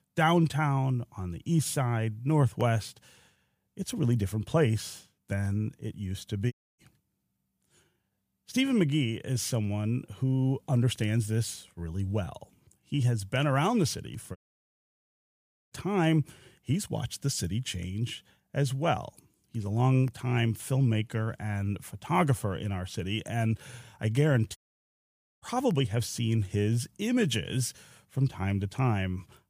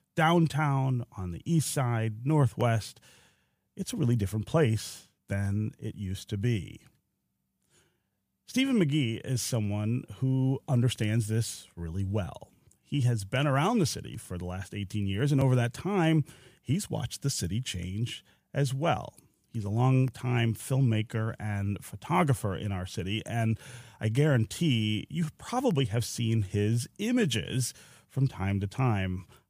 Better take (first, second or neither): second